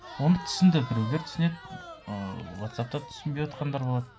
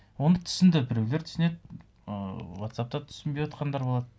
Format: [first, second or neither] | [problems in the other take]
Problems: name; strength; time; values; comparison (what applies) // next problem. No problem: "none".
second | background sound (Crowd); 16 dB below the speech